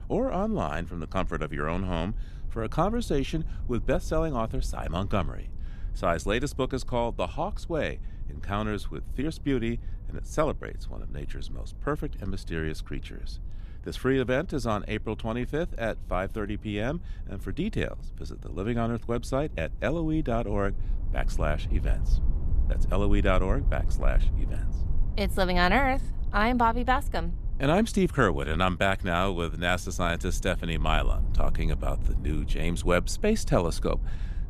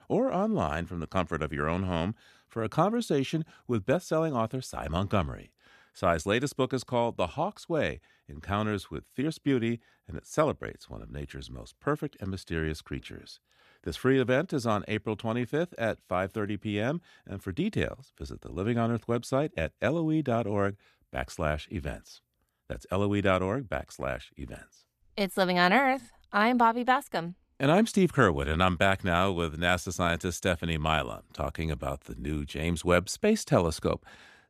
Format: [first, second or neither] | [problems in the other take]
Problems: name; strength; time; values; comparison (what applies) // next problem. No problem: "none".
second | low rumble; faint; throughout; 25 dB below the speech